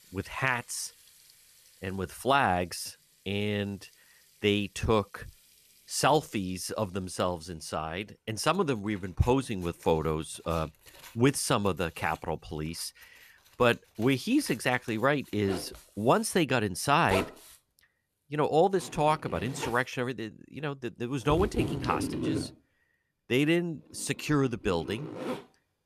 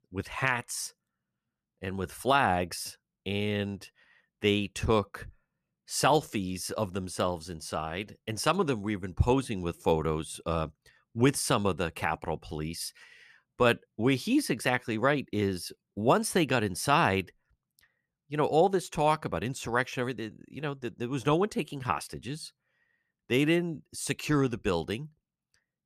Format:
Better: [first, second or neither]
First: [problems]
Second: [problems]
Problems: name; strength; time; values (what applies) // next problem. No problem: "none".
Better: second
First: household noises; loud; throughout; 10 dB below the speech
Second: none